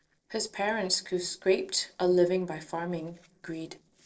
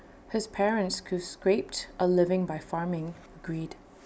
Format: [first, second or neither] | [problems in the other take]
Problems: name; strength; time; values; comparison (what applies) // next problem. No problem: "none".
second | noise reduction (neural separator model SepFormer DNS4)